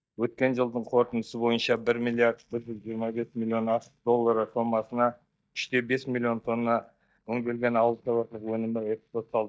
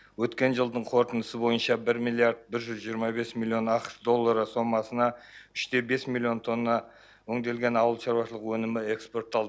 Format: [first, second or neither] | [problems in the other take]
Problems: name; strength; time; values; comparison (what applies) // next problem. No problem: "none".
second | noise reduction (neural mask model DeepFilterNet 3)